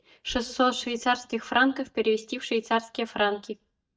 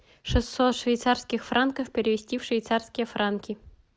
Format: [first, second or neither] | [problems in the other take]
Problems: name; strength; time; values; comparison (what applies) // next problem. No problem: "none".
second | noise reduction (neural mask model DeepFilterNet 3)